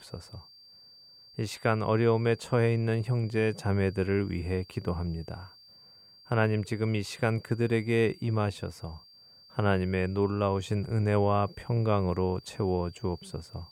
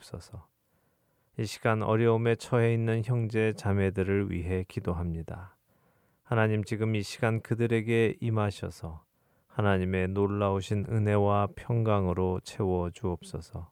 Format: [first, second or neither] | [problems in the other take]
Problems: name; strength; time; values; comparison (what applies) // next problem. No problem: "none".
second | high-pitched whine; faint; throughout; 4.5 kHz, 25 dB below the speech